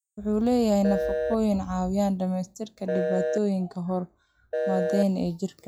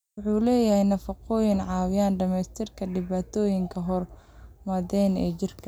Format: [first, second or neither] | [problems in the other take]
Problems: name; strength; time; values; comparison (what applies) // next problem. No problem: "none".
second | noise reduction (classical method log-MMSE)